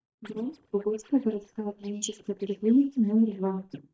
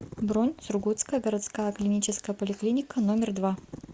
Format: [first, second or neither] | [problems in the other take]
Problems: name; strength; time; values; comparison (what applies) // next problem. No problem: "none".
second | noise reduction (neural mask model DeepFilterNet 3)